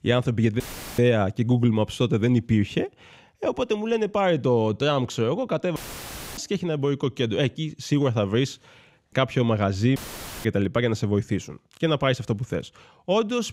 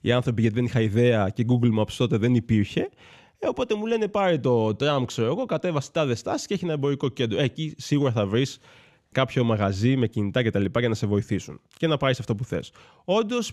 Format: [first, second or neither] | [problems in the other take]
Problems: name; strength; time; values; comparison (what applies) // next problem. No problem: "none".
second | audio cutting out; filled with static; at 0.5 s, at 6 s for 0.5 s and at 10 s